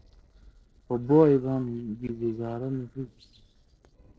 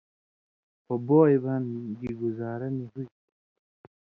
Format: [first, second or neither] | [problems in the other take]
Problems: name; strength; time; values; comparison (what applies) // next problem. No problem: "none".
second | noise reduction (neural separator model SepFormer DNS4)